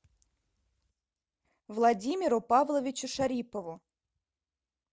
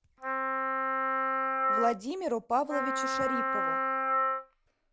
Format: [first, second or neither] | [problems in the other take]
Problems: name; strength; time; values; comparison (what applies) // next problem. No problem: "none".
first | background sound (Wind instrument, woodwind instrument); 5 dB above the speech